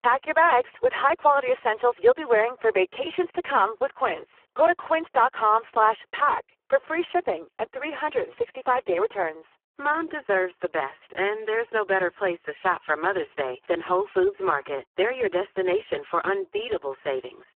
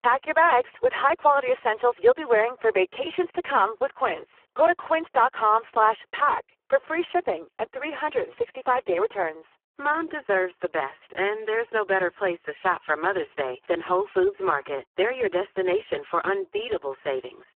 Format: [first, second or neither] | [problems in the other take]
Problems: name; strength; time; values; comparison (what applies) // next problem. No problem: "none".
neither | phone-call audio; poor line; the same in both